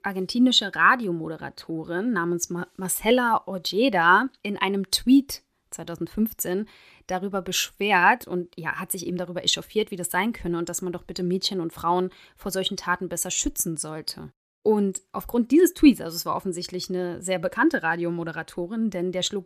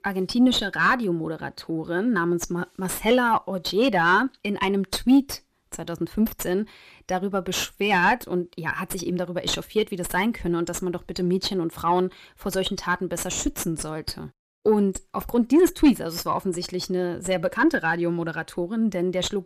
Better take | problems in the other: first | distortion; slight; 9 dB below the speech

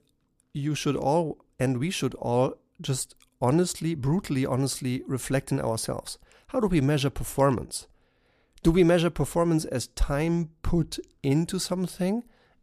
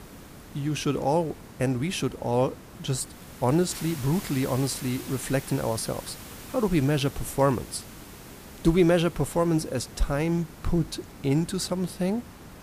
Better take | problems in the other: first | hiss; noticeable; throughout; 15 dB below the speech

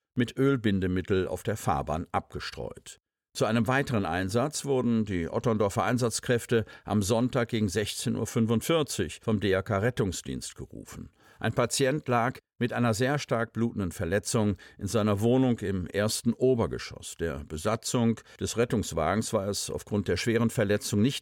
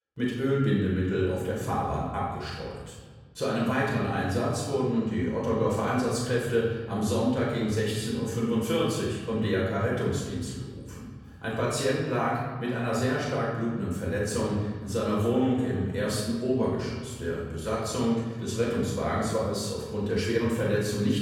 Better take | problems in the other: first | room echo; noticeable; dies away in 1.5 s // off-mic speech; far

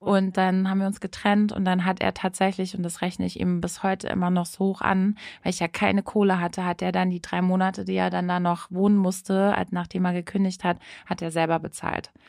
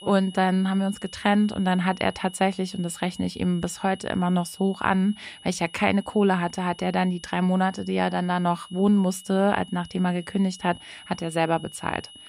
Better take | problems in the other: first | high-pitched whine; noticeable; throughout; 3 kHz, 20 dB below the speech

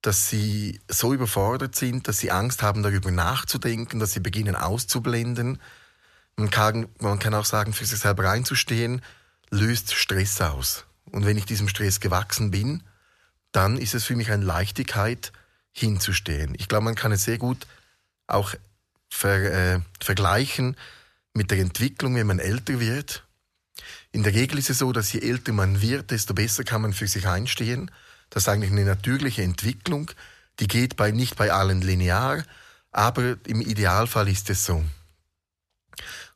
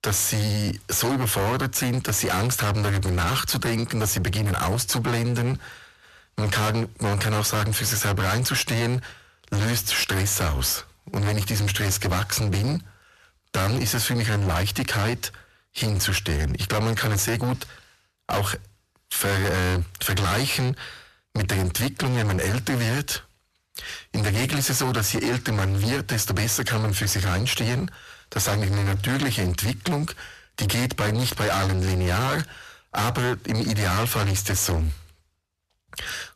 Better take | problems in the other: first | distortion; heavy; 34% of the sound clipped

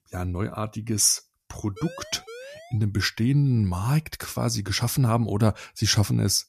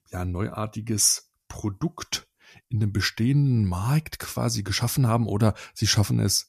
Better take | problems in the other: second | siren; faint; from 2 to 3 s; peak 15 dB below the speech

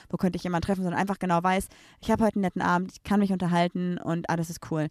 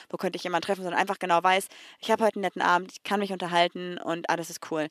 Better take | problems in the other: first | thin; somewhat; fading below 400 Hz

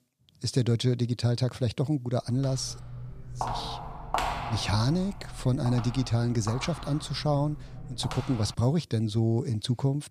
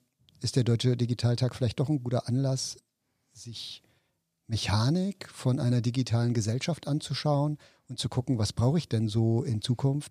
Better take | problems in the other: second | footsteps; noticeable; from 2.5 to 8.5 s; peak 1 dB below the speech

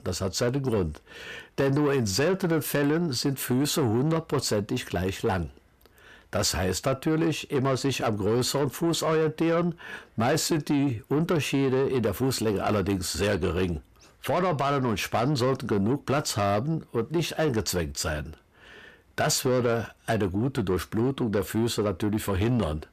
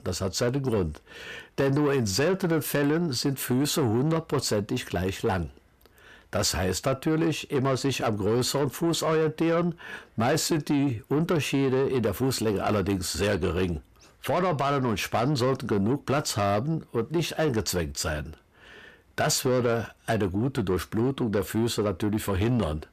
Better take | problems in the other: neither | distortion; slight; 10 dB below the speech; the same in both

